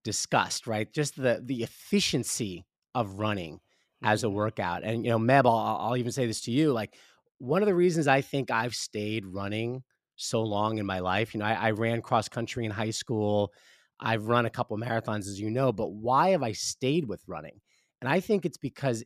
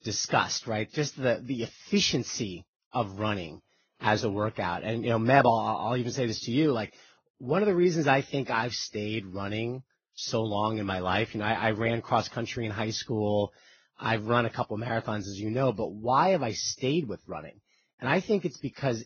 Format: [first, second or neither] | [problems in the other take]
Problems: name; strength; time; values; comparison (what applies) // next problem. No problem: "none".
first | garbled, watery; badly; nothing above 6.5 kHz